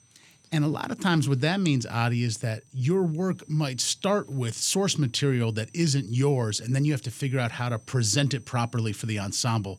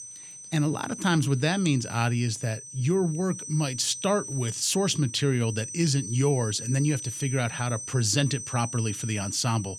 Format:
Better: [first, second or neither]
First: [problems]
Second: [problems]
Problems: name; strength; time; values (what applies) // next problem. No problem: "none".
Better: first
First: high-pitched whine; faint; throughout; 6 kHz, 30 dB below the speech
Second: high-pitched whine; loud; throughout; 6 kHz, 10 dB below the speech